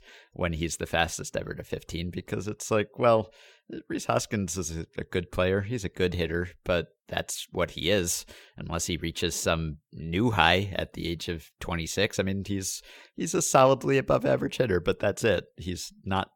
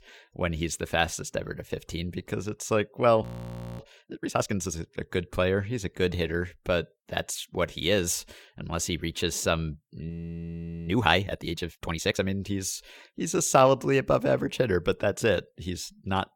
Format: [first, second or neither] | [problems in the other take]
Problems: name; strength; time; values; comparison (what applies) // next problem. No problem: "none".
first | audio freezing; at 3 s for 0.5 s and at 10 s for 1 s